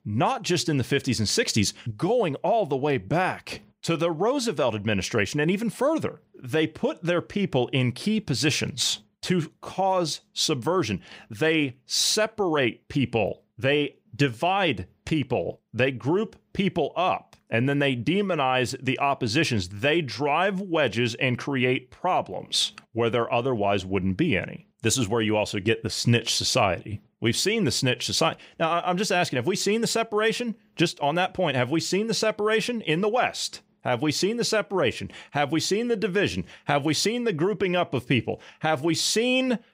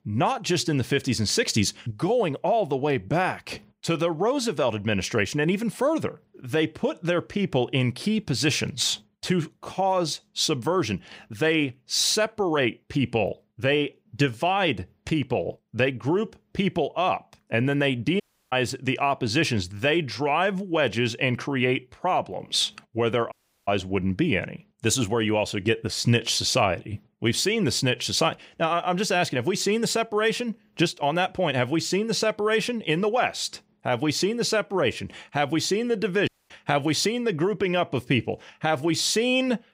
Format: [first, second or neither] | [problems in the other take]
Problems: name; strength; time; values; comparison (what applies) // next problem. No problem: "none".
first | audio cutting out; at 18 s, at 23 s and at 36 s